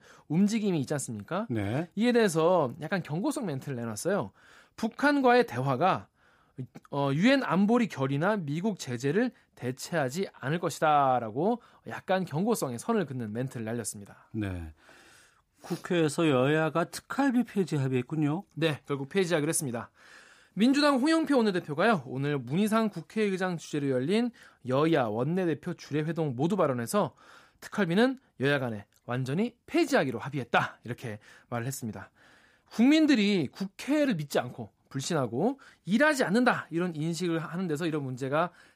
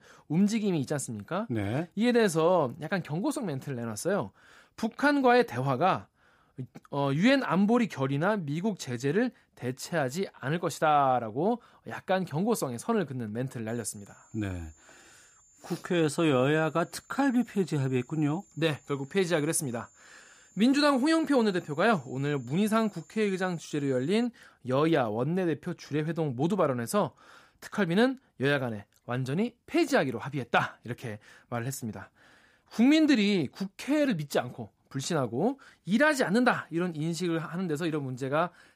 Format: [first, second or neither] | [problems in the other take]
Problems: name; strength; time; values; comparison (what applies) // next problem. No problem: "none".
first | high-pitched whine; faint; from 14 to 24 s; 7 kHz, 30 dB below the speech